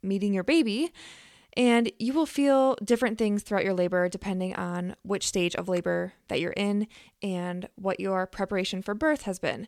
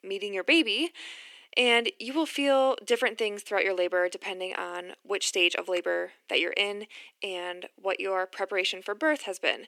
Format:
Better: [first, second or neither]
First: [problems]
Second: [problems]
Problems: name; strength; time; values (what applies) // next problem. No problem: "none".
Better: first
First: none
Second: thin; somewhat; fading below 300 Hz